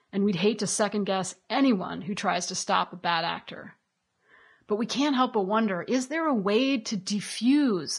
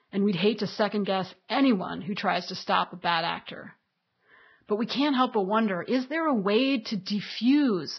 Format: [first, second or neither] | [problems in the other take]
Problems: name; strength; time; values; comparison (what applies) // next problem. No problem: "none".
first | garbled, watery; badly; nothing above 5.5 kHz; slightly in the first